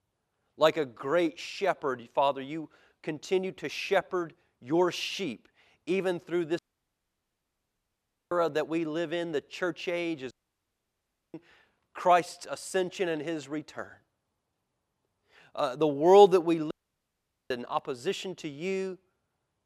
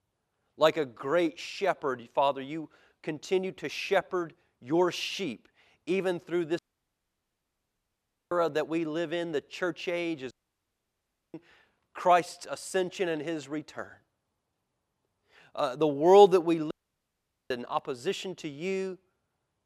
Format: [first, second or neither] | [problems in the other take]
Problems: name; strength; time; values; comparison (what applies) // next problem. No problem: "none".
neither | audio cutting out; at 6.5 s for 1.5 s, at 10 s for 1 s and at 17 s for 1 s; the same in both